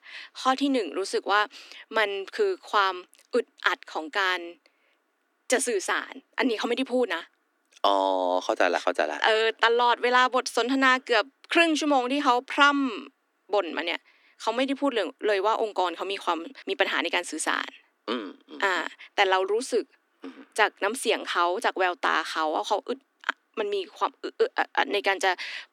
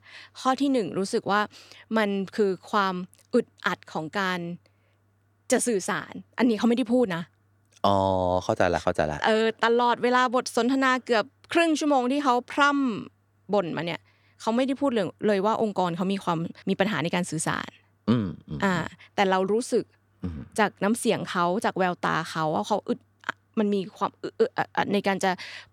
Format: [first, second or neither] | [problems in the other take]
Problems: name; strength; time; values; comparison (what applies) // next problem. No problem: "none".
second | thin; very slightly; fading below 250 Hz